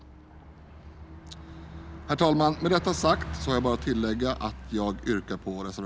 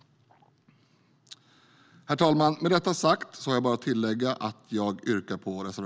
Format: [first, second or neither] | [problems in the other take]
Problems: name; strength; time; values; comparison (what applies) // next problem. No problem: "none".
second | background sound (Bus); 11 dB below the speech